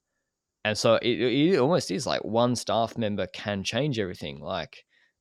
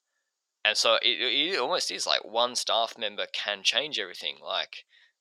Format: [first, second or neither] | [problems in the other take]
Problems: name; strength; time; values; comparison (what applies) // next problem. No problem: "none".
first | thin; very; fading below 750 Hz